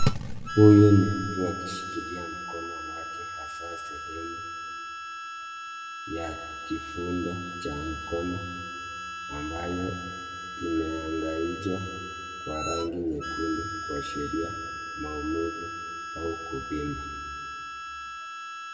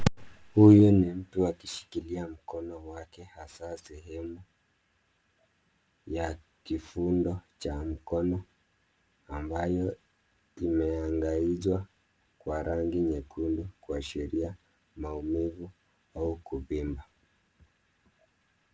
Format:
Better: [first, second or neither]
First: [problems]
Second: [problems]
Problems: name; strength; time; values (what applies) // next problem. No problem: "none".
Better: second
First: background sound (Harmonica); 8 dB below the speech // room echo; dies away in 1.7 s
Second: none